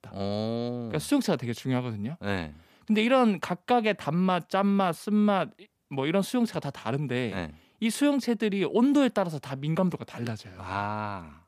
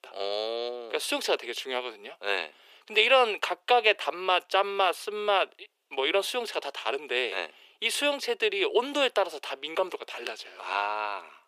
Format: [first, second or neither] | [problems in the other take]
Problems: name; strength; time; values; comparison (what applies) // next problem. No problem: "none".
first | thin; very; fading below 400 Hz